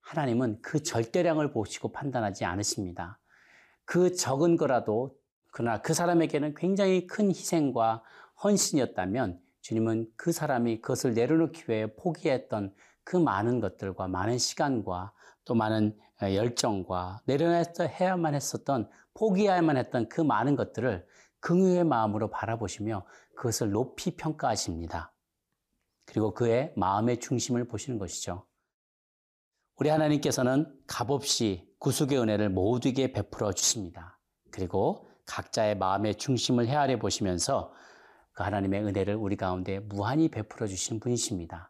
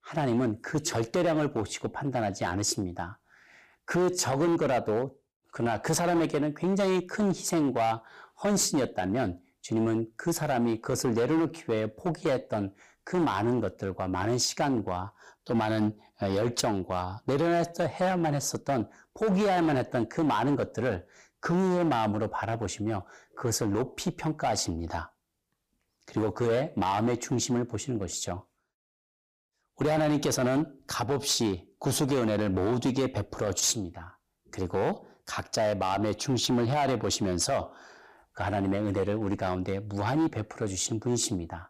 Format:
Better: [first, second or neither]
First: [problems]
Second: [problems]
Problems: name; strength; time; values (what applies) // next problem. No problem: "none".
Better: first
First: none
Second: distortion; slight; 9% of the sound clipped